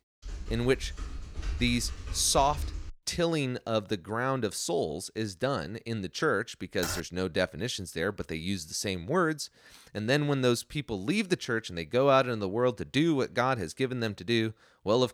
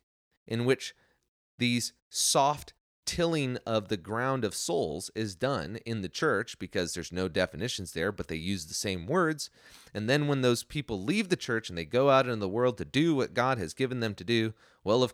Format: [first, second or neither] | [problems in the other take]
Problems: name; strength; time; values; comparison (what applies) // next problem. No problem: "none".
second | keyboard typing; noticeable; until 3 s and at 7 s; peak 7 dB below the speech